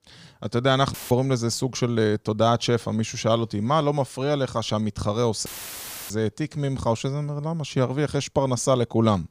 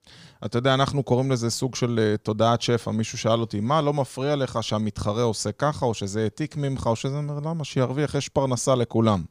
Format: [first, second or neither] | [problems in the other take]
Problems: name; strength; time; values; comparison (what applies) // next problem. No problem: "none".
second | audio cutting out; filled with static; at 1 s and at 5.5 s for 0.5 s